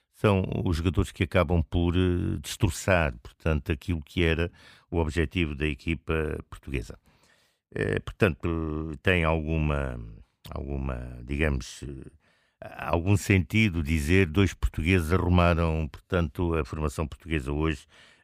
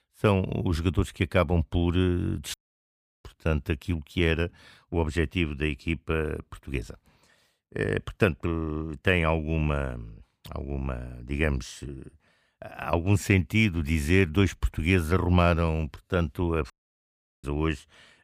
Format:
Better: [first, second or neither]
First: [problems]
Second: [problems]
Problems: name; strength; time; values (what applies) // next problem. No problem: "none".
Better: first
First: none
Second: audio cutting out; at 2.5 s for 0.5 s and at 17 s for 0.5 s